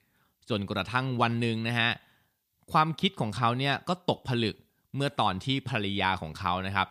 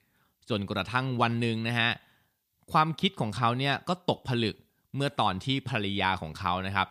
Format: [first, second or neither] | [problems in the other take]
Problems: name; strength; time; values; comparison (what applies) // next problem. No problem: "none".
neither | none